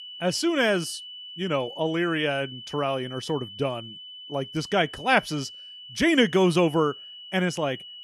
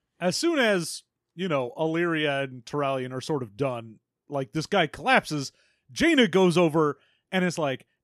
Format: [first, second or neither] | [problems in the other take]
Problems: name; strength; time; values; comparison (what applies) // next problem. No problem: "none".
second | high-pitched whine; noticeable; throughout; 3 kHz, 15 dB below the speech